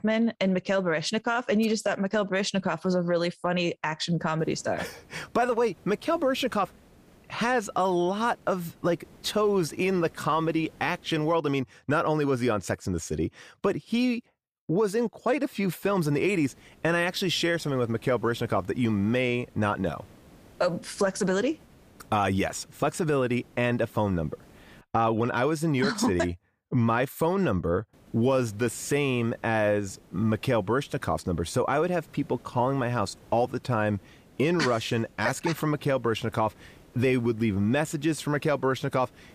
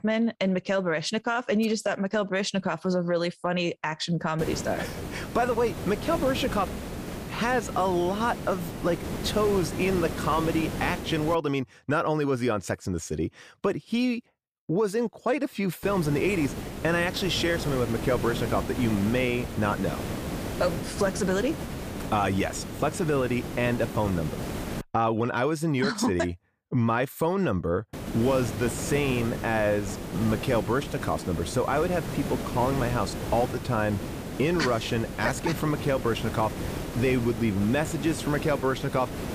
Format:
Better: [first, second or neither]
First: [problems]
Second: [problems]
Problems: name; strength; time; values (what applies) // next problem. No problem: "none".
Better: first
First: hiss; faint; from 4.5 to 11 s, from 16 to 25 s and from 28 s on; 30 dB below the speech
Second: hiss; loud; from 4.5 to 11 s, from 16 to 25 s and from 28 s on; 7 dB below the speech